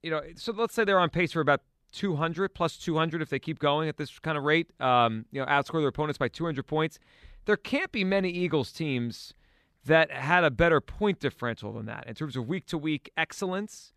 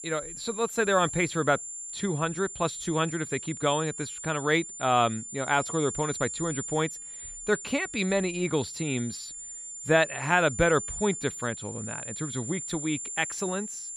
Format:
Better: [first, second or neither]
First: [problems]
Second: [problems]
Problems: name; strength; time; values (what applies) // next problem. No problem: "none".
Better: first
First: none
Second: high-pitched whine; loud; throughout; 7 kHz, 8 dB below the speech